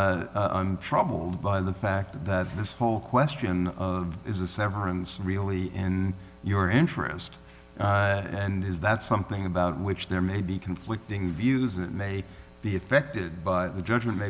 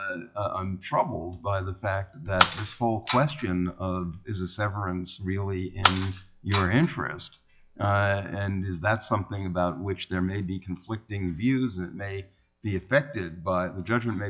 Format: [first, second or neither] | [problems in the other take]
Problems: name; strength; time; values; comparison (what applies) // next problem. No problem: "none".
first | noise reduction (classical method log-MMSE)